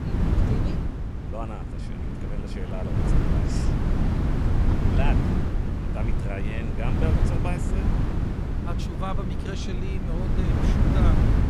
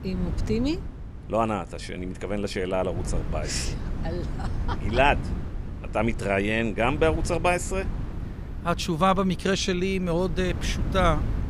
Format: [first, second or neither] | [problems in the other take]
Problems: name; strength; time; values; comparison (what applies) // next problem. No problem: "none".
second | wind noise on the microphone; heavy; 3 dB above the speech; occasional gusts in the second